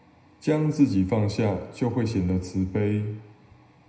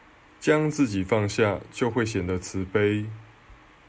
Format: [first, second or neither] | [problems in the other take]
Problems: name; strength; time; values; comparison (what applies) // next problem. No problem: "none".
second | room echo; dies away in 0.7 s